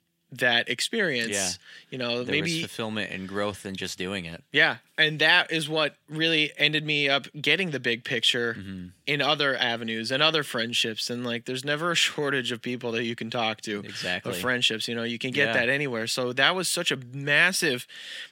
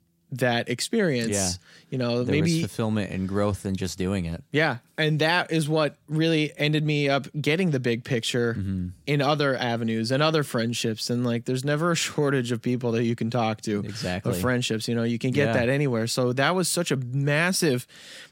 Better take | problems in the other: second | thin; somewhat; fading below 350 Hz

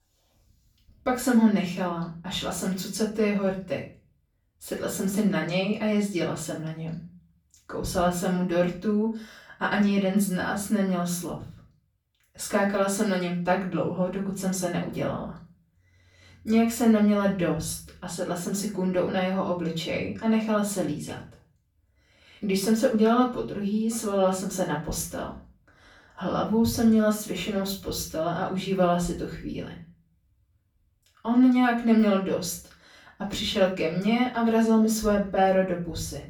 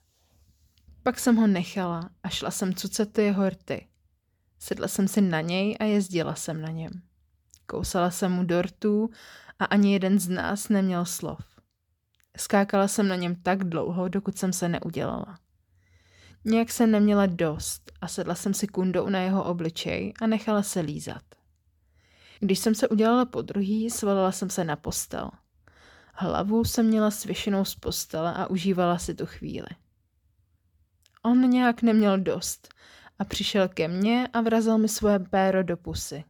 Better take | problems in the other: second | off-mic speech; far // room echo; slight; dies away in 0.3 s

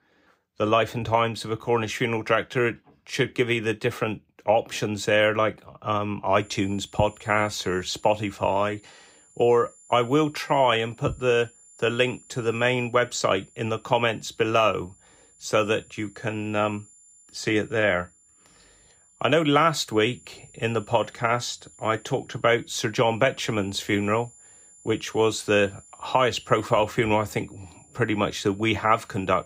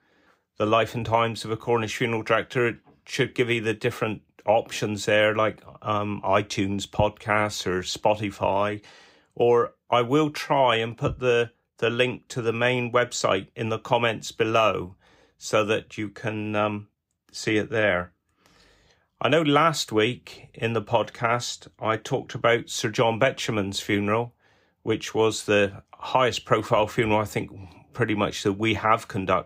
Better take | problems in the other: second | high-pitched whine; faint; from 6.5 s on; 7 kHz, 25 dB below the speech

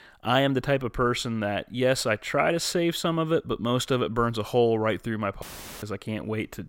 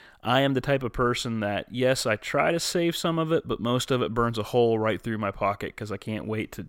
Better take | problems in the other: second | audio cutting out; filled with static; at 5.5 s

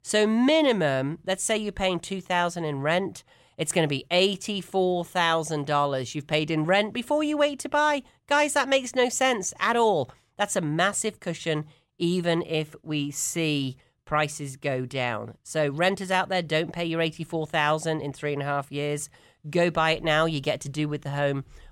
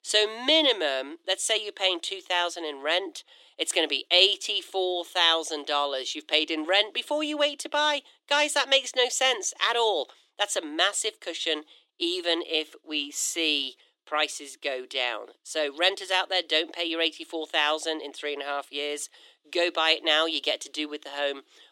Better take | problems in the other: first | thin; somewhat; fading below 300 Hz

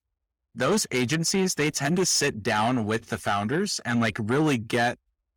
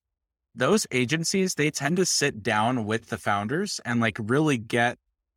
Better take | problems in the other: second | distortion; slight; 10 dB below the speech

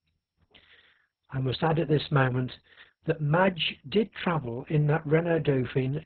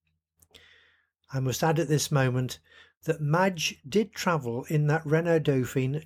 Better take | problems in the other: second | garbled, watery; badly; nothing above 4 kHz

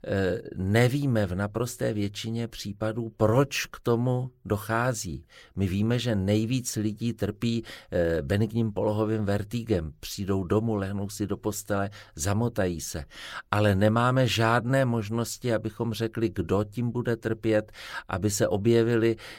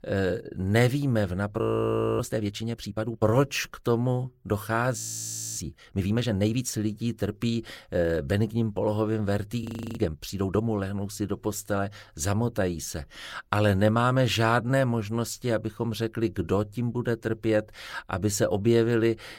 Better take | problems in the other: first | audio freezing; at 1.5 s for 0.5 s, at 5 s for 0.5 s and at 9.5 s

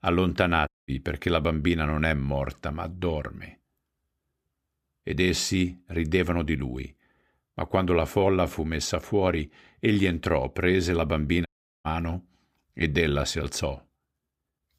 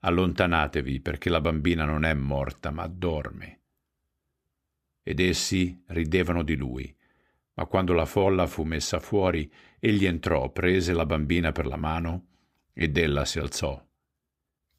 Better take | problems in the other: second | audio cutting out; at 0.5 s and at 11 s

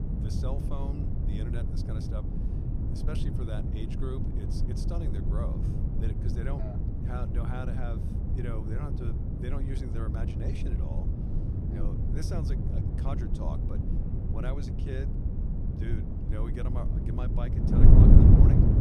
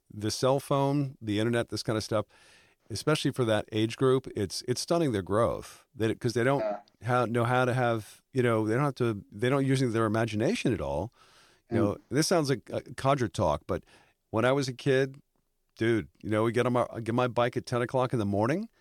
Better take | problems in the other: second | wind noise on the microphone; heavy; 4 dB above the speech

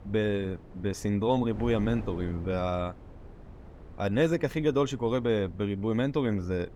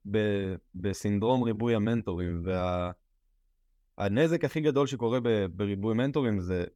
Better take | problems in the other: second | wind noise on the microphone; occasional gusts; 20 dB below the speech

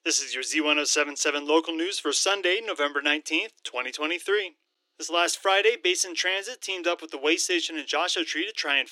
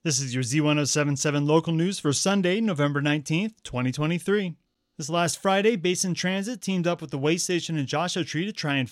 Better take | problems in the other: second | thin; very; fading below 300 Hz

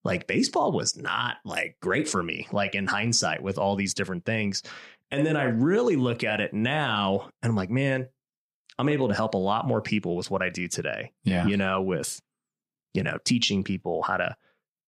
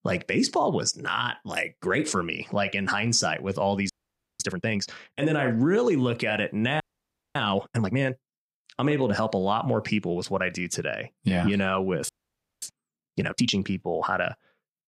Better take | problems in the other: first | audio freezing; at 4 s for 0.5 s, at 7 s for 0.5 s and at 12 s for 0.5 s

